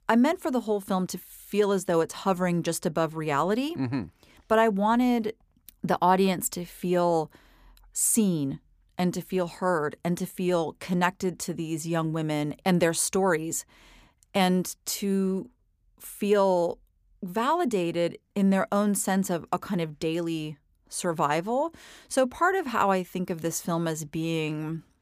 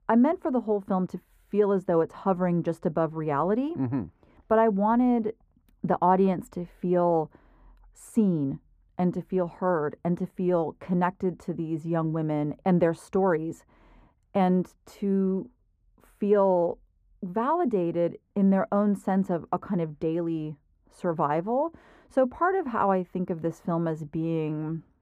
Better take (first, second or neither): first